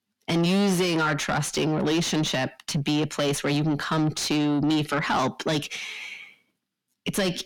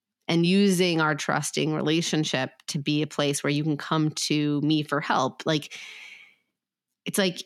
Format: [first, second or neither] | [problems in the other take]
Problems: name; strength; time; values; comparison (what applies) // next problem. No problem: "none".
second | distortion; heavy; 7 dB below the speech